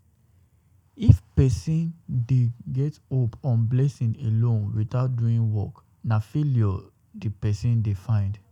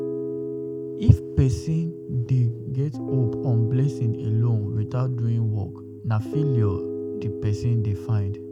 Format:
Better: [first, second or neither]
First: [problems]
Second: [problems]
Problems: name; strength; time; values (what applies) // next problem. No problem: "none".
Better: first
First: none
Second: background sound (Piano); 8 dB below the speech